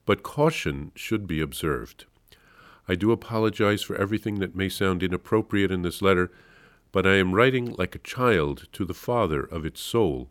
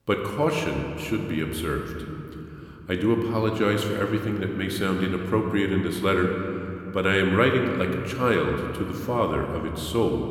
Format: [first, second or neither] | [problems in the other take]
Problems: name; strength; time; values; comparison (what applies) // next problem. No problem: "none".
first | room echo; slight; dies away in 2.6 s